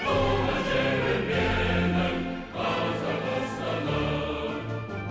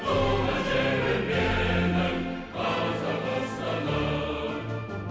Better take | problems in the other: second | background sound (Meow); 18 dB below the speech

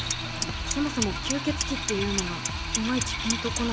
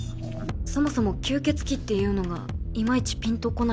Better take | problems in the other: second | background sound (Drill + Clock); 2 dB below the speech

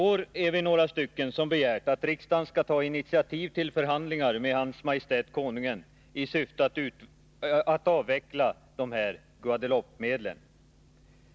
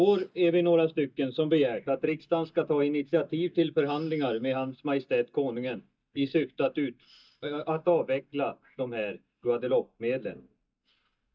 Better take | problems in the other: first | noise reduction (neural mask model DeepFilterNet 3)

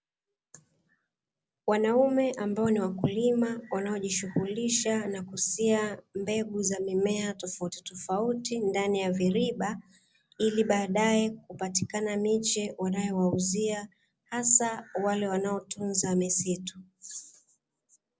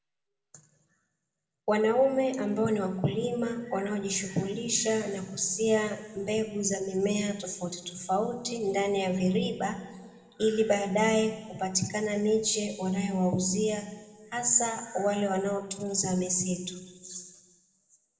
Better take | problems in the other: first | room echo; dies away in 1.3 s

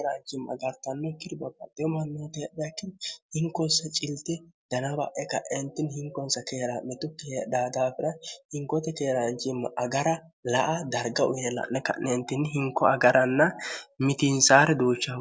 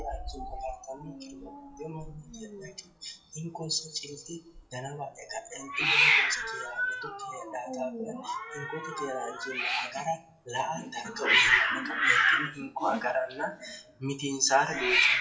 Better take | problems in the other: first | noise reduction (classical method WPE with log-MMSE)

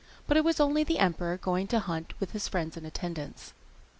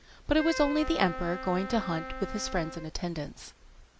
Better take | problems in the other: first | background sound (Wind instrument, woodwind instrument); 10 dB below the speech

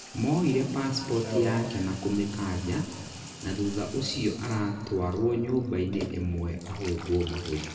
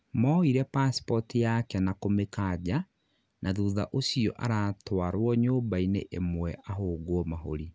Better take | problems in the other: second | background sound (Bathtub (filling or washing) / Water tap, faucet); 13 dB below the speech // room echo; dies away in 2 s

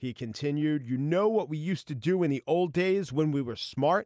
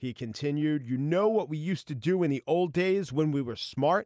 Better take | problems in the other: first | noise reduction (neural mask model Resemble Enhance denoiser)

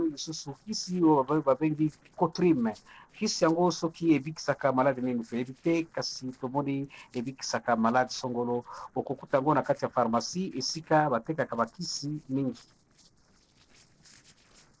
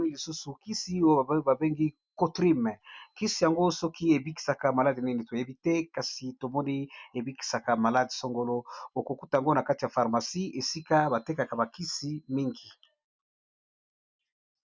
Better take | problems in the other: second | noise reduction (neural separator model SepFormer DNS4)

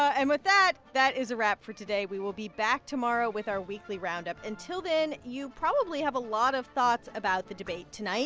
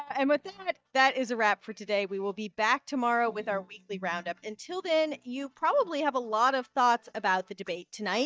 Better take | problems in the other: first | noise reduction (neural mask model DeepFilterNet 3)

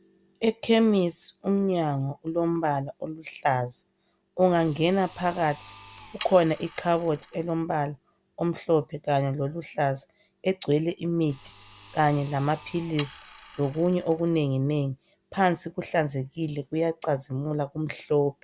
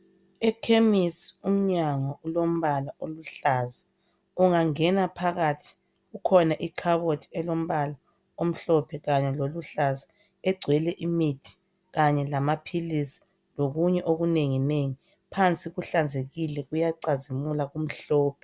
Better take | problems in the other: second | background sound (Sawing); 20 dB below the speech

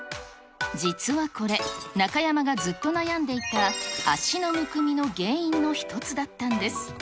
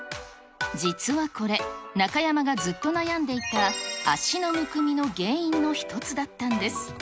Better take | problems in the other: second | background sound (Shatter); 19 dB below the speech

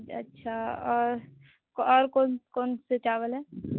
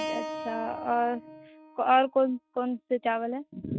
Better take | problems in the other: first | noise reduction (neural mask model RNNoise)

